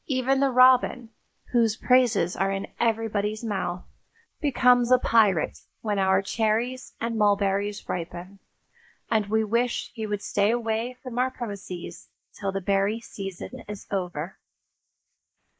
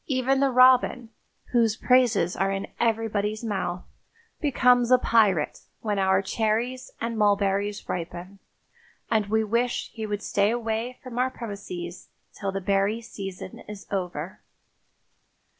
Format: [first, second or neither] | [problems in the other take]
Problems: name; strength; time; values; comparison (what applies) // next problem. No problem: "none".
second | noise reduction (neural mask model Resemble Enhance denoiser)